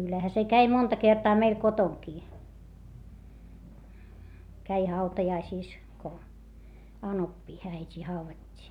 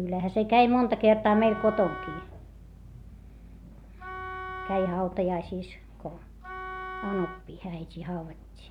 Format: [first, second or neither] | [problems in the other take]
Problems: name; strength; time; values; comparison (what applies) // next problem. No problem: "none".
first | background sound (Wind instrument, woodwind instrument); 13 dB below the speech